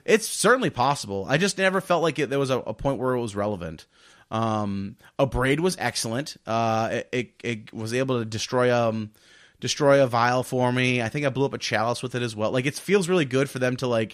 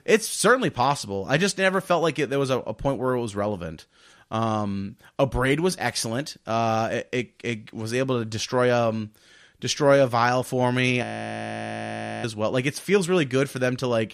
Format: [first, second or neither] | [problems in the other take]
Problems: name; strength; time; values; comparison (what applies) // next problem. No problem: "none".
first | audio freezing; at 11 s for 1 s